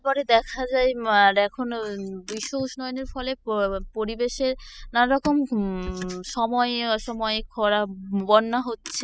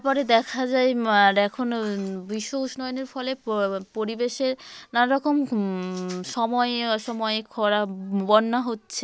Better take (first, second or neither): second